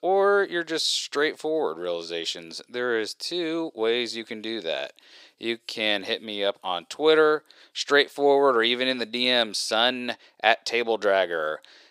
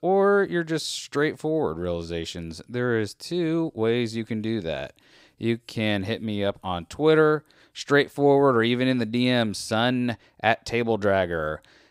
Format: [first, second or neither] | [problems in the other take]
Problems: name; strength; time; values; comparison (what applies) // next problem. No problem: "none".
second | thin; somewhat; fading below 450 Hz